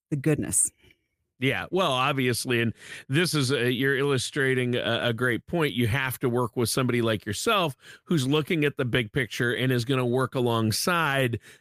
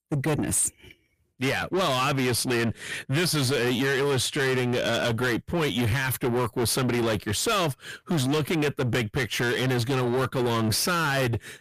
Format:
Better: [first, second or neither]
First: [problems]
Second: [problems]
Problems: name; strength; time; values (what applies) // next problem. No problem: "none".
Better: first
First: none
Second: distortion; heavy; 7 dB below the speech